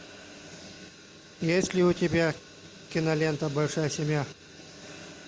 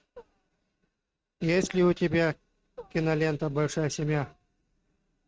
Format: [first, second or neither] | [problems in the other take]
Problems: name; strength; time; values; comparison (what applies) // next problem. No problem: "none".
first | noise reduction (neural mask model RNNoise)